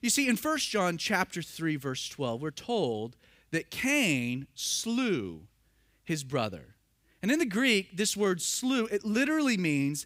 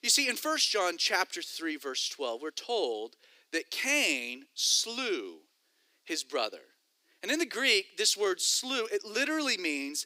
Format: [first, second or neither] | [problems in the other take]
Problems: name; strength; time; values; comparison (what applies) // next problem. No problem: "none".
first | thin; somewhat; fading below 300 Hz